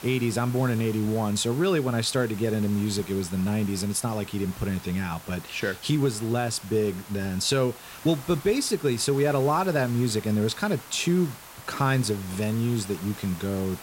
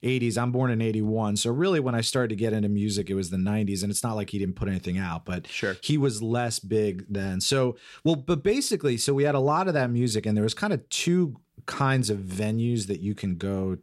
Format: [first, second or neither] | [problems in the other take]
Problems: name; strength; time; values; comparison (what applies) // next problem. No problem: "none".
second | hiss; very faint; throughout; 15 dB below the speech